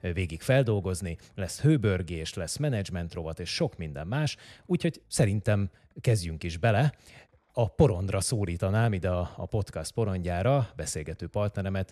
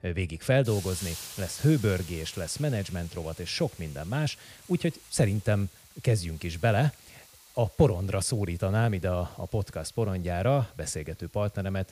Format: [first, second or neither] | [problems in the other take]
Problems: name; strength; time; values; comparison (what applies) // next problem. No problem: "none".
first | hiss; noticeable; throughout; 15 dB below the speech